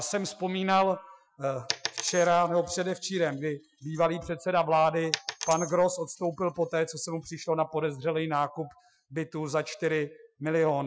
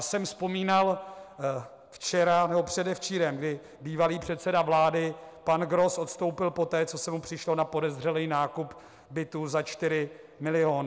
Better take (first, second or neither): second